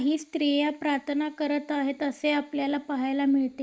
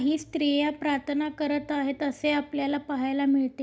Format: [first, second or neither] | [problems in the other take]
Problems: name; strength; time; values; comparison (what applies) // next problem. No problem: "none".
second | noise reduction (neural mask model Resemble Enhance denoiser)